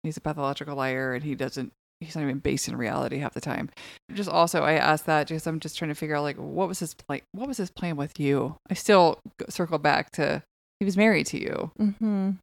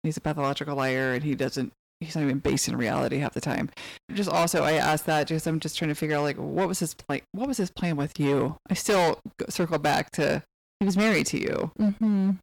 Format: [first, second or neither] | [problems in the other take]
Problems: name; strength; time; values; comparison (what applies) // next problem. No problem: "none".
first | distortion; heavy; 8% of the sound clipped